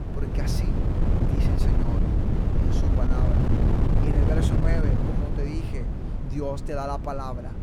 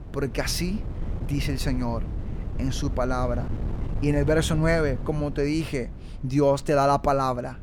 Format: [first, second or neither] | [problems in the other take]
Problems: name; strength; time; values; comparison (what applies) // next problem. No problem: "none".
second | wind noise on the microphone; heavy; 1 dB above the speech; occasional gusts in the second